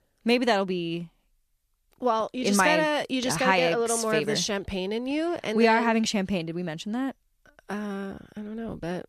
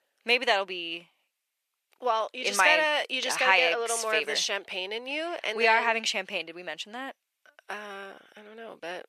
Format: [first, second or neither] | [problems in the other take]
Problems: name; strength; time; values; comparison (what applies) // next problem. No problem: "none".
first | thin; very; fading below 600 Hz